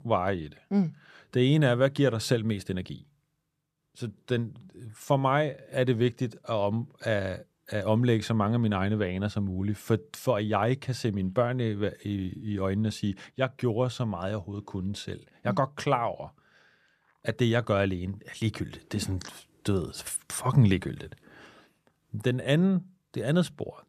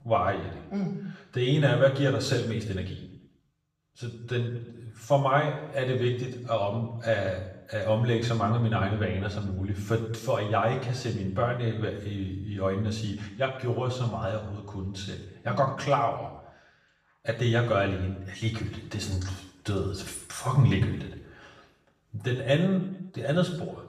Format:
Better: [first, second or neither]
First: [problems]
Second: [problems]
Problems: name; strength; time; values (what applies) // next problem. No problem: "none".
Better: first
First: none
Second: room echo; noticeable; dies away in 0.7 s // off-mic speech; far